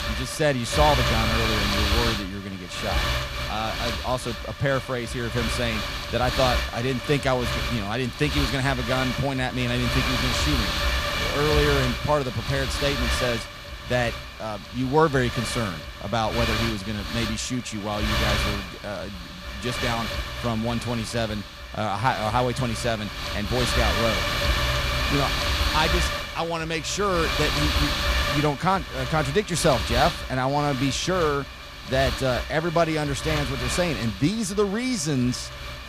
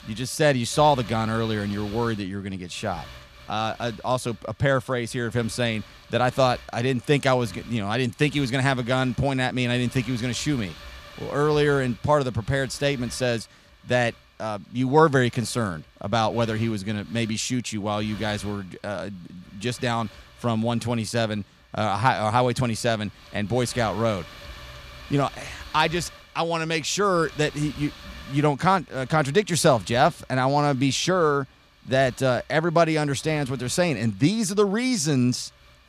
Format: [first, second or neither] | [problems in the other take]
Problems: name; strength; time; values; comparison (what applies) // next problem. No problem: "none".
second | wind noise on the microphone; heavy; 1 dB below the speech; occasional gusts in the second